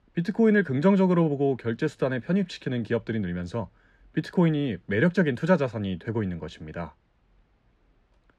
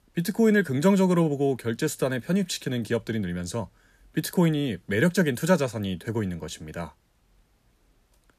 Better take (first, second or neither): second